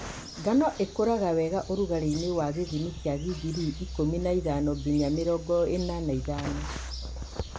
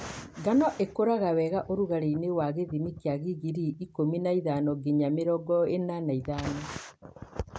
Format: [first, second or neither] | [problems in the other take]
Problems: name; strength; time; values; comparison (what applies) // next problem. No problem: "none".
second | background sound (Bird vocalization, bird call, bird song); 11 dB below the speech